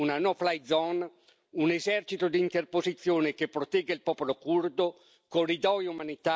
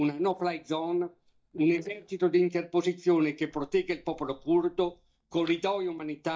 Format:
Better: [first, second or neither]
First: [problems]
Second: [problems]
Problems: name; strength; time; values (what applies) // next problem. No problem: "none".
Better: first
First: none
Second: noise reduction (neural mask model DeepFilterNet 3)